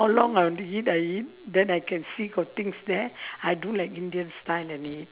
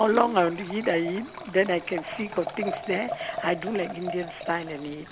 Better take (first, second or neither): first